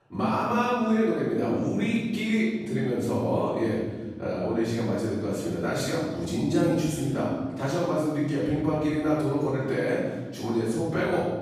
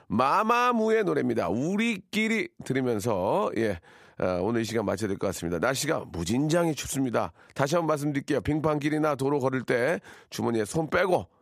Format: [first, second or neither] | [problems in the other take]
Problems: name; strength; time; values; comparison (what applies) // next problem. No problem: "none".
second | off-mic speech; far // room echo; strong; dies away in 2 s